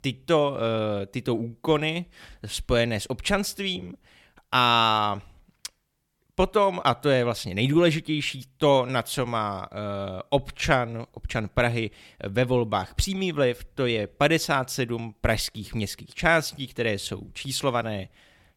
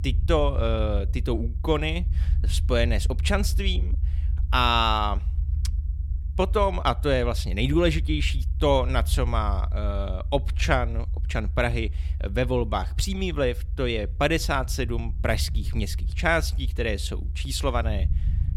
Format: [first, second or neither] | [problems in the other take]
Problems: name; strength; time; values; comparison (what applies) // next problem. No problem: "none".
first | low rumble; faint; throughout; 20 dB below the speech